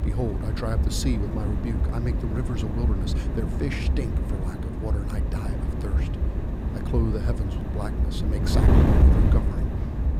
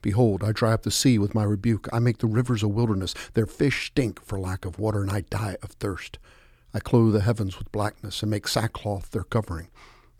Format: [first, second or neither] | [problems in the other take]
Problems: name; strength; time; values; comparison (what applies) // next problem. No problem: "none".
second | wind noise on the microphone; heavy; 1 dB above the speech